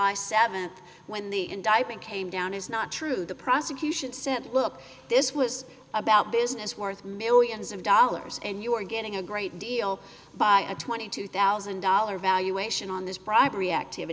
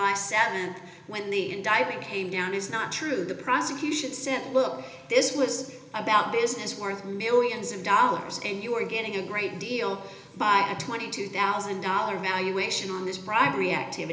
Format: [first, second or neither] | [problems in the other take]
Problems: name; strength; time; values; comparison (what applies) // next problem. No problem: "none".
first | room echo; dies away in 1 s